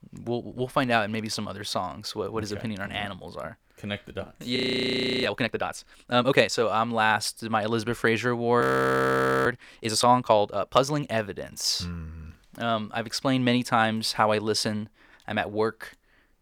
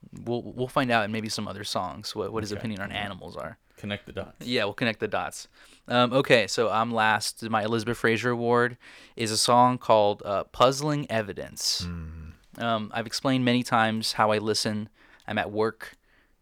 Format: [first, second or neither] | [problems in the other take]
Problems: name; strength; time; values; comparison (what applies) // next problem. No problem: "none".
second | audio freezing; at 4.5 s for 0.5 s and at 8.5 s for 1 s